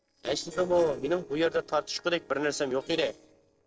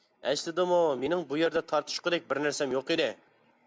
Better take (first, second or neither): second